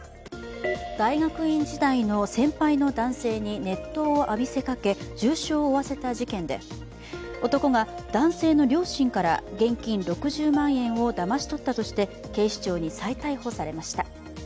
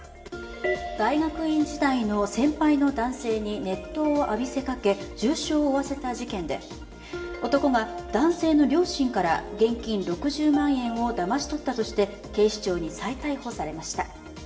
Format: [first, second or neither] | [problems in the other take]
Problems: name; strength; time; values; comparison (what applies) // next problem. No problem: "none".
first | room echo; dies away in 1 s